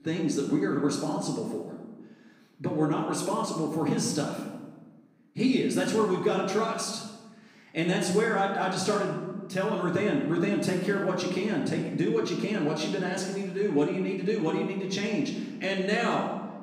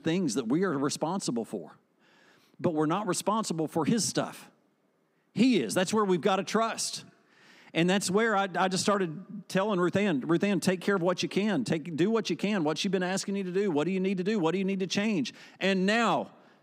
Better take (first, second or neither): second